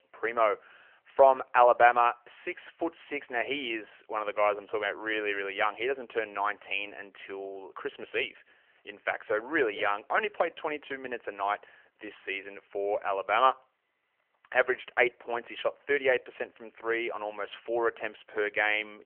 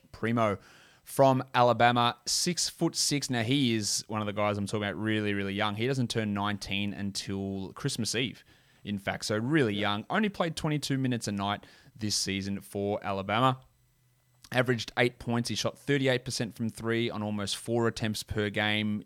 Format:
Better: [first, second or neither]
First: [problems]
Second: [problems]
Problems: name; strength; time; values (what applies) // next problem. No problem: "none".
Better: second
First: phone-call audio; nothing above 3 kHz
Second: none